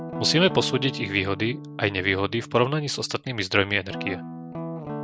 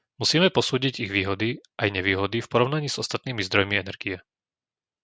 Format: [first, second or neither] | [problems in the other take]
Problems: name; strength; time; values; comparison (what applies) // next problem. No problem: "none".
second | background sound (Guitar); 10 dB below the speech